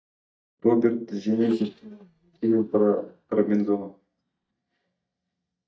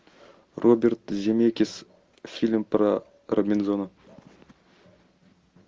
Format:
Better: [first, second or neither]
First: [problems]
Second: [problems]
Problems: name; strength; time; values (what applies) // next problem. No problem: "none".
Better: second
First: noise reduction (neural mask model DeepFilterNet 3)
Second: none